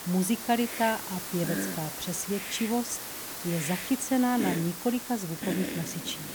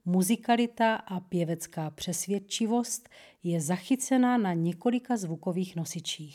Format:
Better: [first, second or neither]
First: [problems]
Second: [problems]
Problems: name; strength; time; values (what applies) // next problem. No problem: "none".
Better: second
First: hiss; loud; throughout; 4 dB below the speech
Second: none